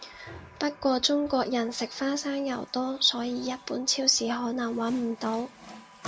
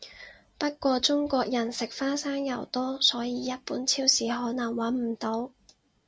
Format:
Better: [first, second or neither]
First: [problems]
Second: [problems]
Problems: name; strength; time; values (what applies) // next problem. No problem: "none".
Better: second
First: background sound (Water tap, faucet); 19 dB below the speech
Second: none